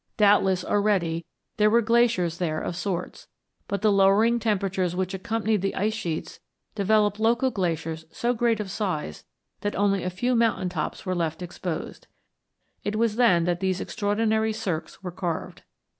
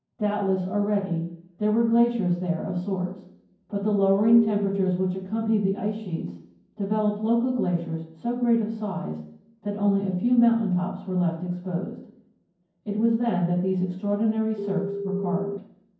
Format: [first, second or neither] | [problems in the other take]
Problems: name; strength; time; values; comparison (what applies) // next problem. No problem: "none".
first | background sound (Telephone); 5 dB below the speech // room echo; dies away in 0.9 s